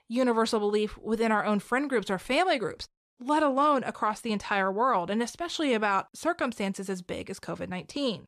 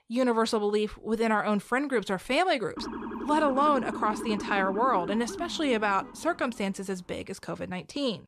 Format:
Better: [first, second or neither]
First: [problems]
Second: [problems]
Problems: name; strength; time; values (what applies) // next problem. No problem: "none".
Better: first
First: none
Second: siren; noticeable; from 3 to 6.5 s; peak 7 dB below the speech